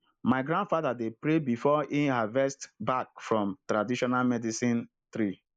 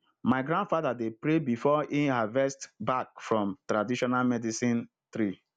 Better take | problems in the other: second | noise reduction (neural mask model Resemble Enhance denoiser)

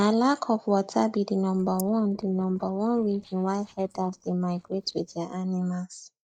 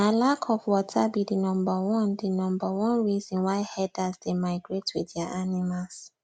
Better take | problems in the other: second | noise reduction (neural mask model DeepFilterNet 3)

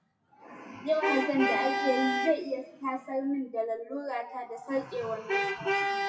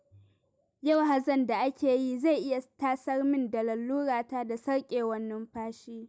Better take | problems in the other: second | noise reduction (classical method WPE with log-MMSE)

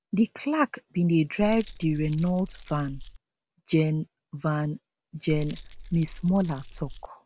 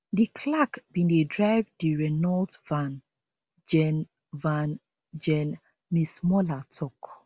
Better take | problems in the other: second | background sound (Keys jangling); 12 dB below the speech

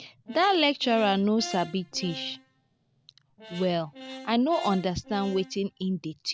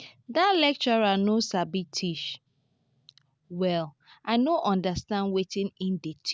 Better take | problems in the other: second | background sound (Brass instrument); 16 dB below the speech

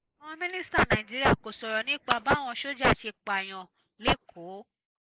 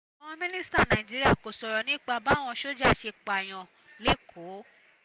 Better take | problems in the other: second | noise reduction (neural mask model Resemble Enhance denoiser)

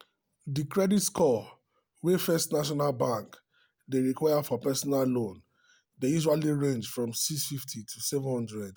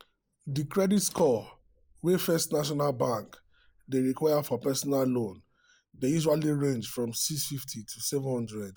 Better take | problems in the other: first | noise reduction (neural mask model Resemble Enhance denoiser)

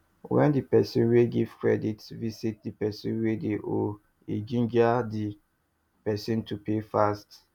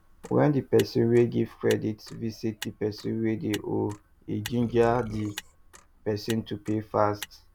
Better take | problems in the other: first | background sound (Burping, eructation + Motor vehicle (road)); 18 dB below the speech

